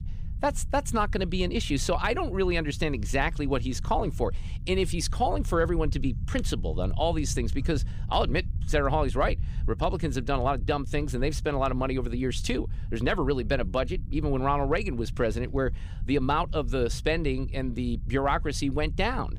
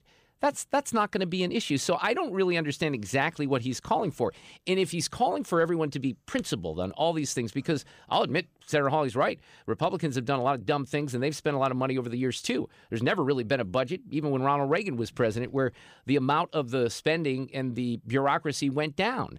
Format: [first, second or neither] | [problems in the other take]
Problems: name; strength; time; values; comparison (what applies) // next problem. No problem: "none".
second | low rumble; faint; throughout; 20 dB below the speech